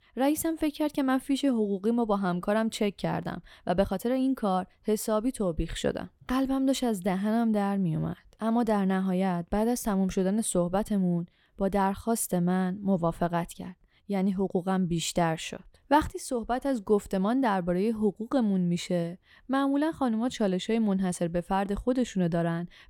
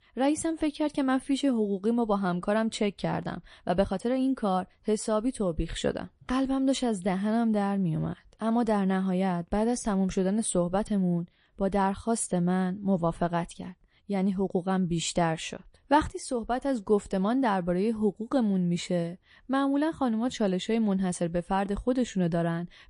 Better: first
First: none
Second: garbled, watery; slightly; nothing above 10.5 kHz

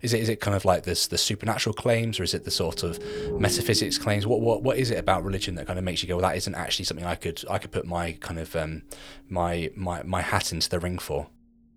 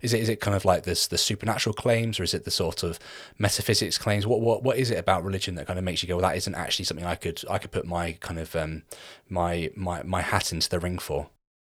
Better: second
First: low rumble; noticeable; throughout; 15 dB below the speech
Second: none

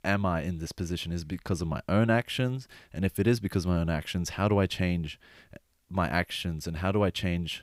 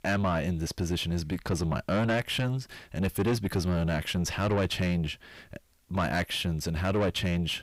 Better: first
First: none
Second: distortion; heavy; 6 dB below the speech

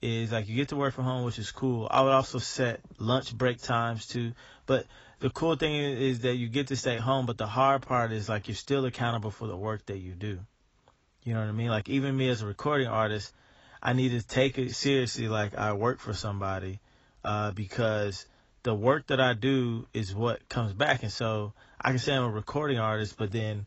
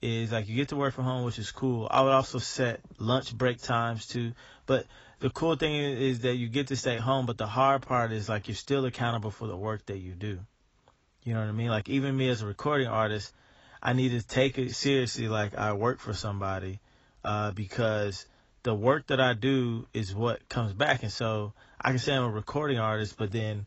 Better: neither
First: garbled, watery; badly; nothing above 7.5 kHz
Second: garbled, watery; badly; nothing above 7.5 kHz

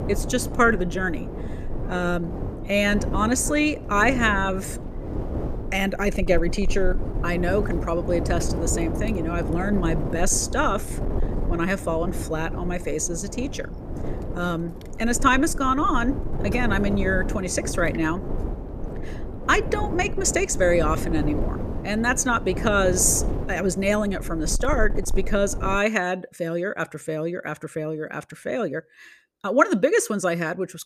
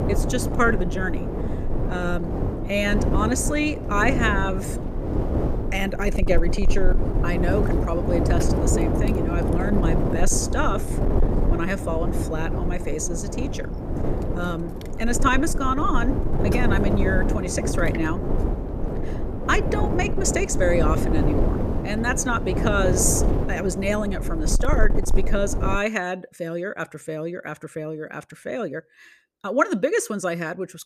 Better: first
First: wind noise on the microphone; occasional gusts; until 26 s; 10 dB below the speech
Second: wind noise on the microphone; heavy; until 26 s; 5 dB below the speech

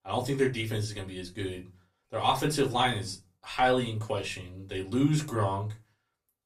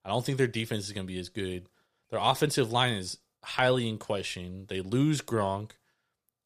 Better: second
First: off-mic speech; far // room echo; very slight; dies away in 0.2 s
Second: none

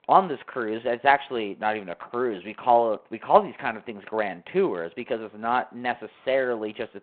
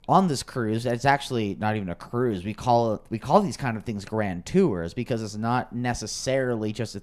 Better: second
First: phone-call audio; nothing above 4 kHz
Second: none

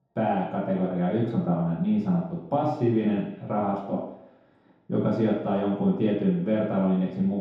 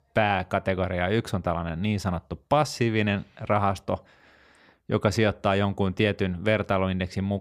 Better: second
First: room echo; strong; dies away in 0.8 s // off-mic speech; far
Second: none

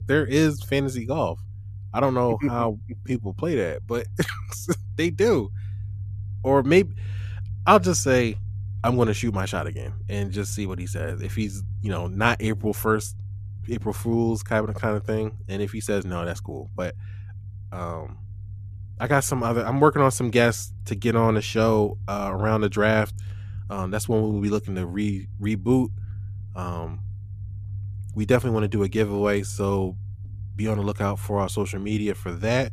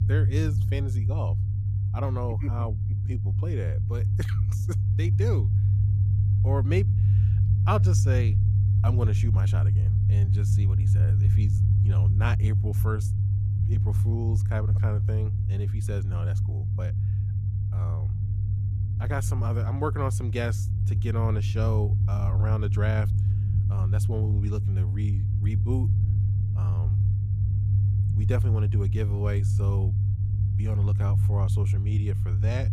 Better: first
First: low rumble; faint; throughout; 25 dB below the speech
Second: low rumble; loud; throughout; 2 dB below the speech

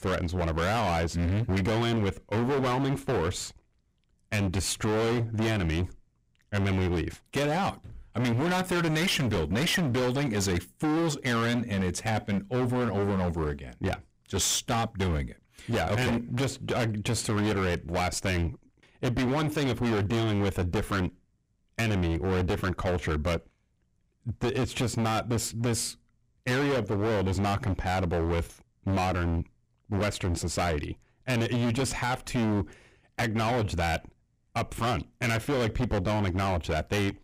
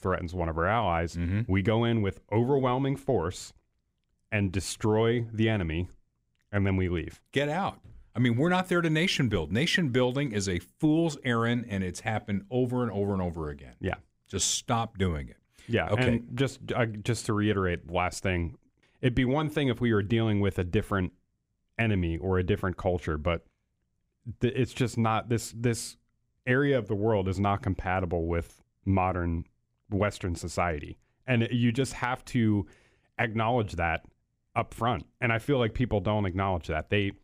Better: second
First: distortion; heavy; 27% of the sound clipped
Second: none

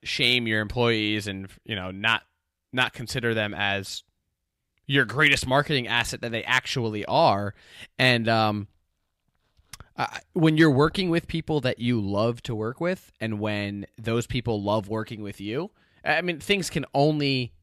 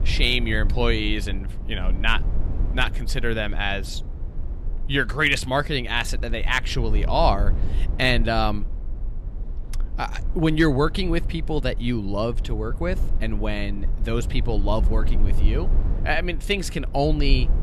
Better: first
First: none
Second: low rumble; noticeable; throughout; 20 dB below the speech

